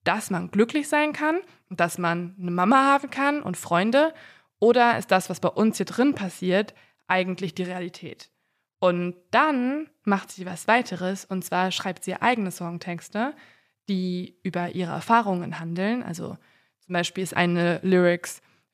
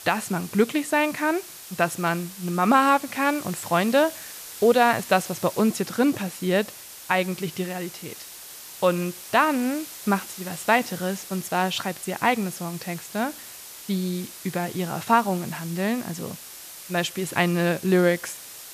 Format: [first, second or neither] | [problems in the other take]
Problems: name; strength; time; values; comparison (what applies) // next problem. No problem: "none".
first | hiss; noticeable; throughout; 15 dB below the speech